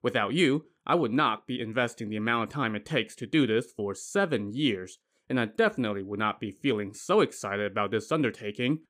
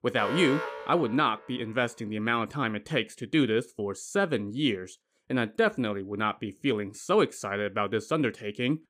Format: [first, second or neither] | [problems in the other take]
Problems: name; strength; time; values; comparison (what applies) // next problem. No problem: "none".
first | alarm; noticeable; until 1.5 s; peak 4 dB below the speech